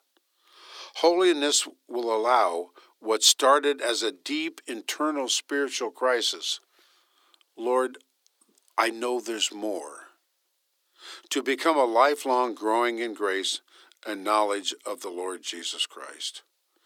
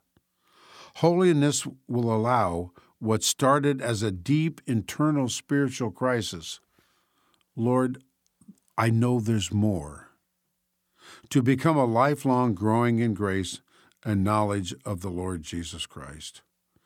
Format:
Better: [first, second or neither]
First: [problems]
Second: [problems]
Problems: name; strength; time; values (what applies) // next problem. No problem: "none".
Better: second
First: thin; very; fading below 350 Hz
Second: none